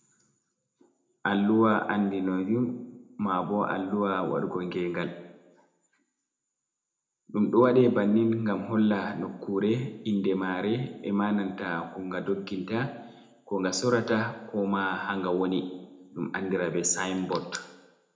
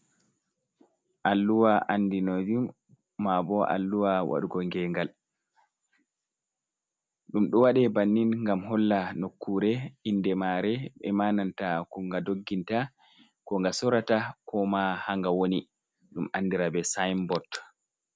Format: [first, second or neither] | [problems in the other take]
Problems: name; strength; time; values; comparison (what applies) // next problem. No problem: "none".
second | room echo; dies away in 0.6 s